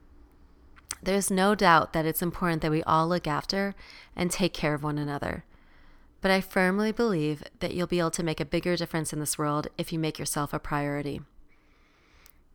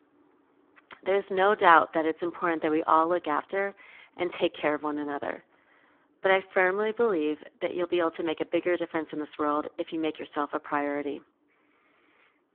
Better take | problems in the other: first | phone-call audio; poor line

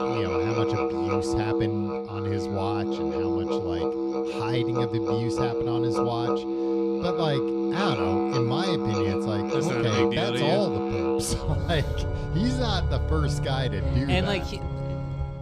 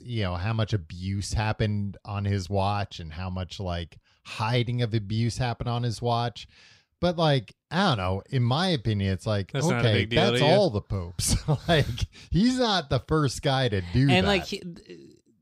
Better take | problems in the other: second | background music; very loud; throughout; 3 dB above the speech

